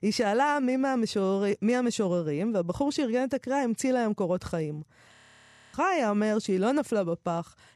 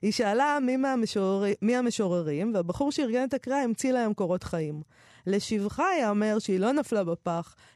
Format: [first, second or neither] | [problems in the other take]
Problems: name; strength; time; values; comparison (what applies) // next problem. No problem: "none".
second | audio freezing; at 5 s for 0.5 s